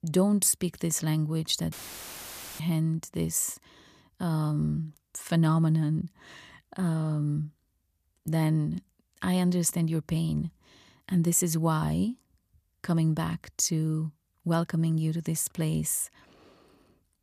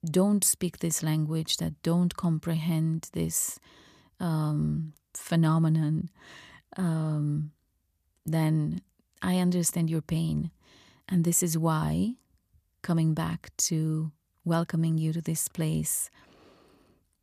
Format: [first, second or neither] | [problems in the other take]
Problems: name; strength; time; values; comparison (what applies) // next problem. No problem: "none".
second | audio cutting out; filled with static; at 1.5 s for 1 s